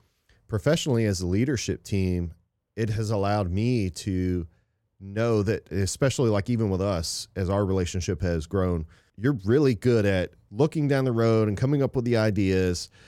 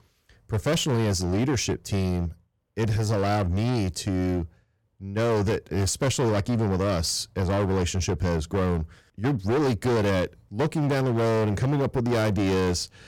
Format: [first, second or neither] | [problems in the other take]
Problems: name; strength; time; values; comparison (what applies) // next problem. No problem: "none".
first | distortion; heavy; 21% of the sound clipped